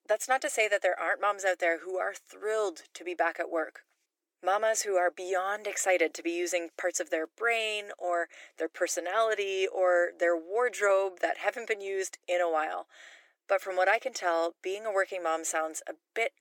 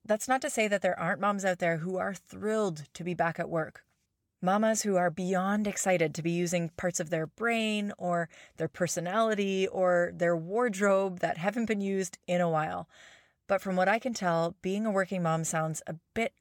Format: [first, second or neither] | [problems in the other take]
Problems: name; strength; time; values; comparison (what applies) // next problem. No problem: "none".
second | thin; very; fading below 300 Hz